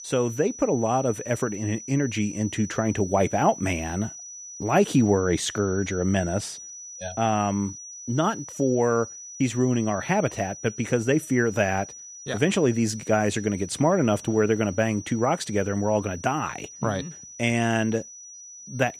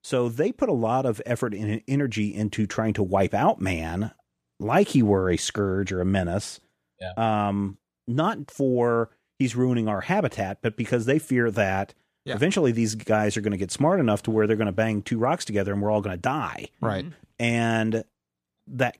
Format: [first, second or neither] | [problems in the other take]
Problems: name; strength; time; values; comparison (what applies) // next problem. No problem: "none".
second | high-pitched whine; noticeable; throughout; 6 kHz, 15 dB below the speech